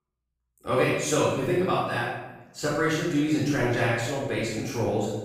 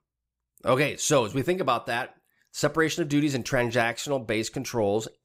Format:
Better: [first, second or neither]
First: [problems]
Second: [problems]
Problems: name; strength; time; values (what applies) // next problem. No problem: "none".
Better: second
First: off-mic speech; far // room echo; strong; dies away in 1 s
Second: none